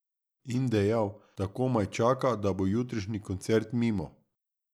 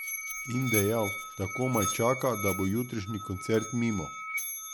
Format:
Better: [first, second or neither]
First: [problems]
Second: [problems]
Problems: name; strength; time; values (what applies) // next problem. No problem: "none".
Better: first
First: none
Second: background sound (Musical instrument); 6 dB below the speech